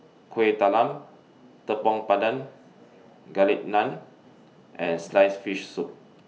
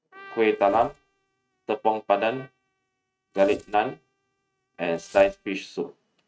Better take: first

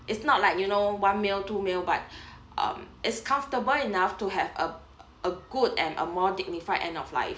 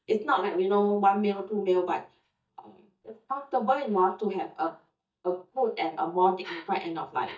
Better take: first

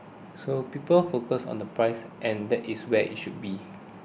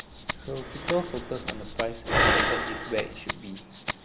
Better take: first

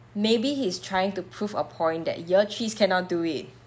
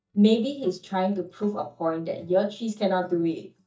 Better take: first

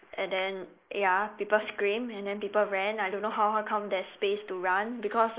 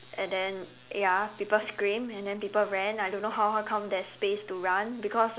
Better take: second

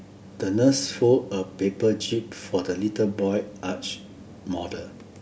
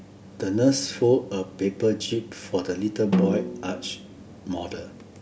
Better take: first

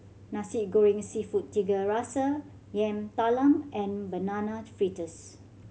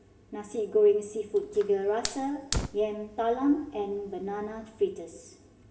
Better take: first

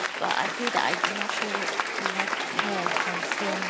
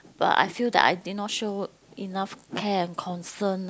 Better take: second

